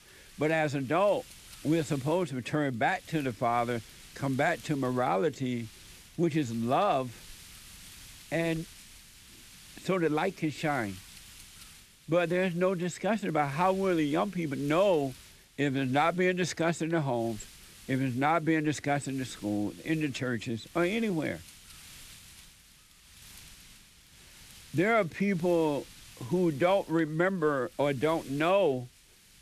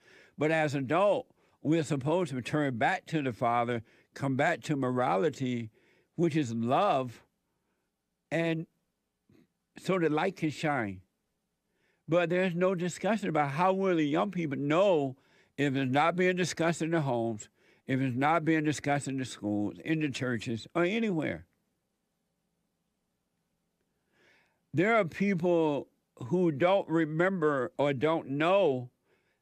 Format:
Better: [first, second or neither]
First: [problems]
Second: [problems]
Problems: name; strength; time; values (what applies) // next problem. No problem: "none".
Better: second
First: wind noise on the microphone; occasional gusts; 20 dB below the speech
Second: none